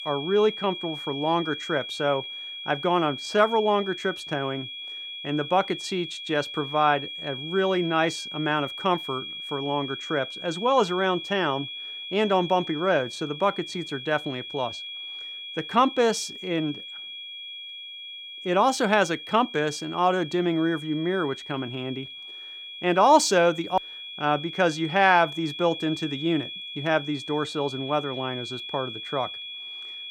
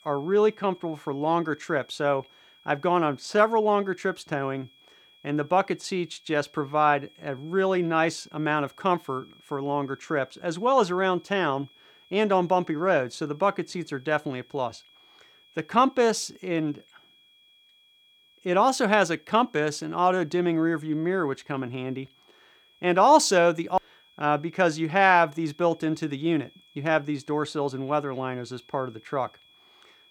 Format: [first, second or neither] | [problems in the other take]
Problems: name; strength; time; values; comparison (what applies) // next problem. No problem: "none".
second | high-pitched whine; loud; throughout; 3.5 kHz, 9 dB below the speech; faint in the second